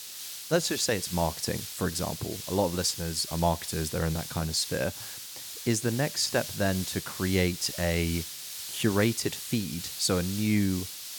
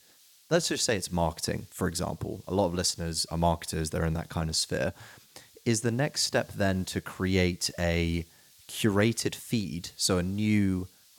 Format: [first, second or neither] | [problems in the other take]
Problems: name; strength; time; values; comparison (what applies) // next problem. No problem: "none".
second | hiss; loud; throughout; 8 dB below the speech; faint in the second